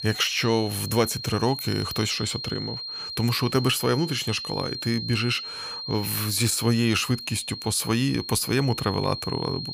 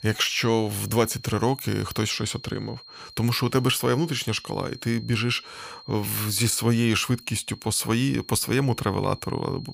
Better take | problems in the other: second | high-pitched whine; loud; throughout; 4 kHz, 8 dB below the speech; faint in the second

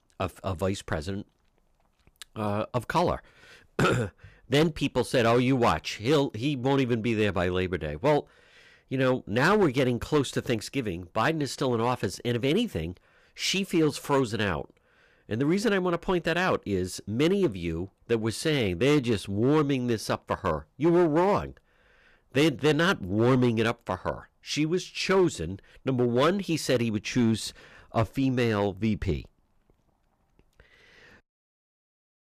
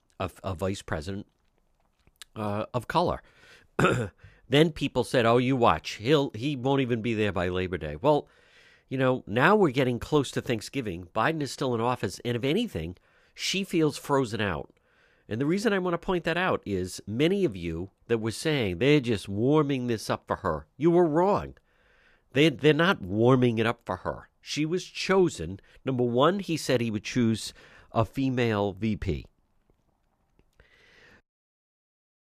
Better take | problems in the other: second | distortion; slight; 4% of the sound clipped

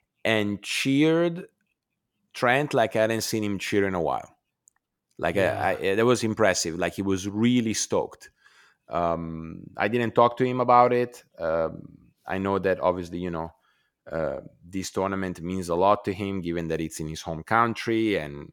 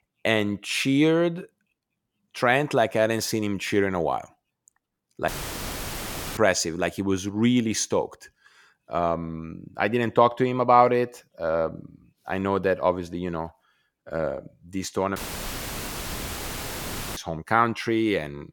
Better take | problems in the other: first | audio cutting out; filled with static; at 5.5 s for 1 s and at 15 s for 2 s

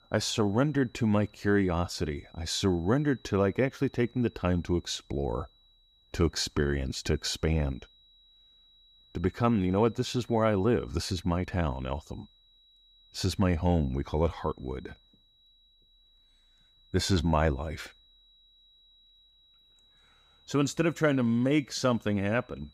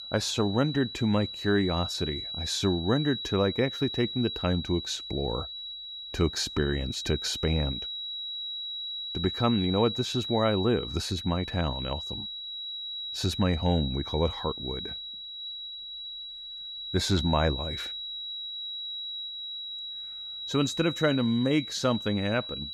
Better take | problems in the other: first | high-pitched whine; loud; throughout; 4 kHz, 6 dB below the speech; faint in the first

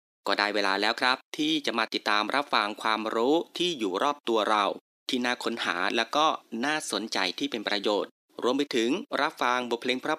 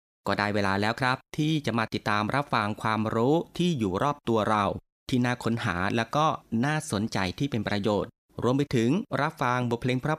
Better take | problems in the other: second | thin; somewhat; fading below 300 Hz

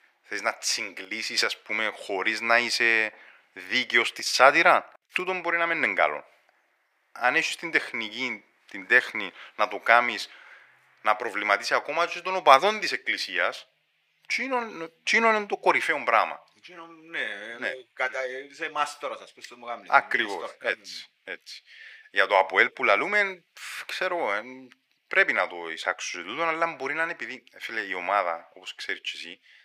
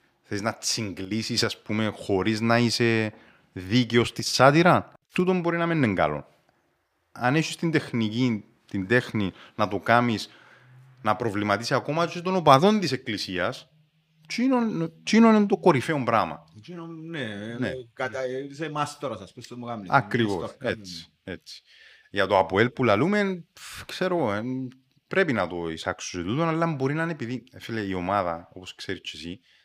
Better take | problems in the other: second | thin; very; fading below 600 Hz

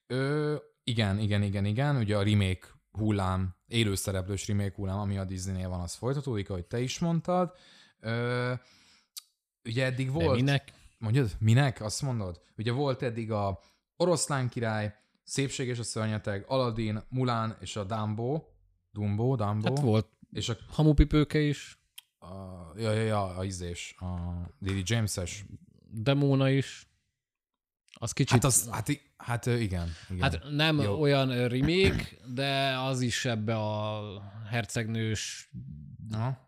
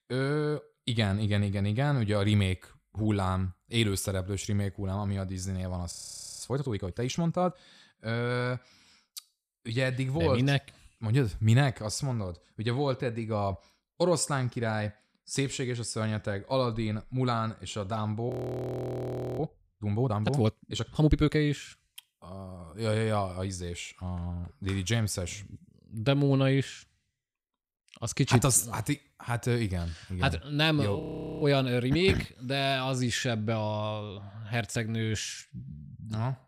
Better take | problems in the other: first | audio freezing; at 6 s, at 18 s for 1 s and at 31 s

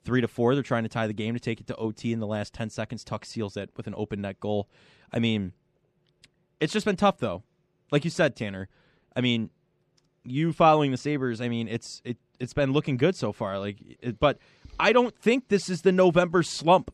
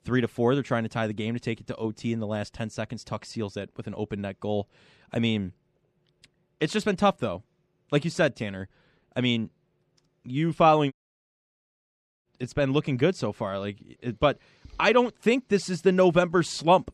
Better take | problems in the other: first | audio cutting out; at 11 s for 1.5 s

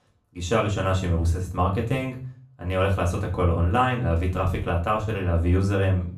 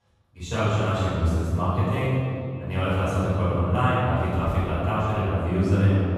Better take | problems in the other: first | room echo; strong; dies away in 2.6 s; slight in the first // off-mic speech; far; far in the first

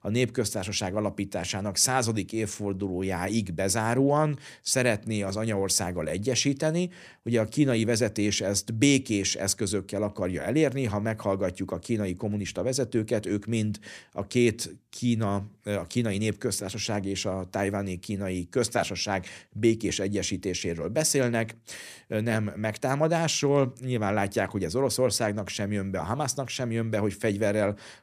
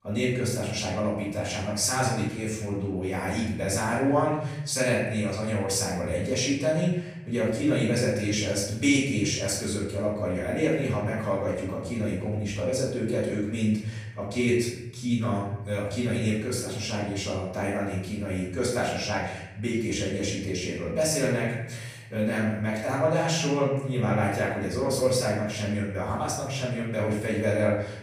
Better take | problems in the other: first | off-mic speech; far // room echo; noticeable; dies away in 1 s

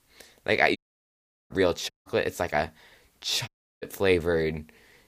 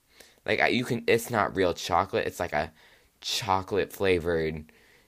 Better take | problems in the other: second | audio cutting out; at 1 s for 0.5 s, at 2 s and at 3.5 s

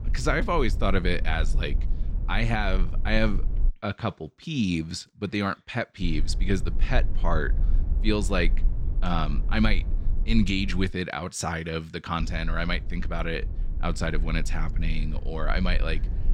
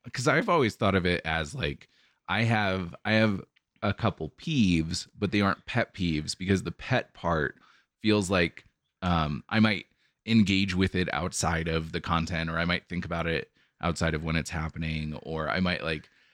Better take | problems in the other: second | low rumble; noticeable; until 3.5 s, from 6 to 11 s and from 12 s on; 20 dB below the speech

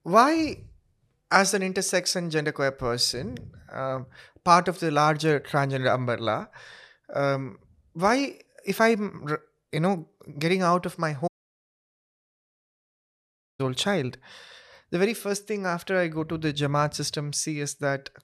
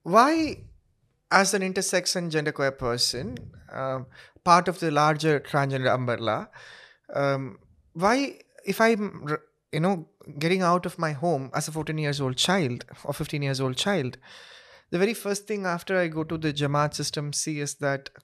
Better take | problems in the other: second | audio cutting out; at 11 s for 2.5 s

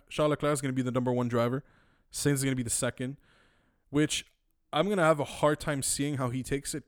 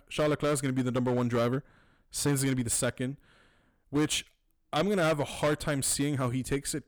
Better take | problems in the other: first | distortion; slight; 8% of the sound clipped

